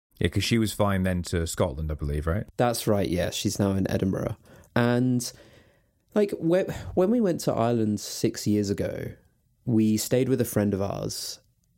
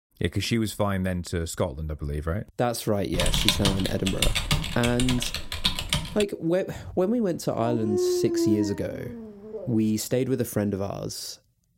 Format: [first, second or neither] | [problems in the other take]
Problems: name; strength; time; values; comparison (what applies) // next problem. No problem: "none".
first | keyboard typing; loud; from 3 to 6 s; peak 5 dB above the speech // dog barking; loud; from 7.5 to 10 s; peak 3 dB above the speech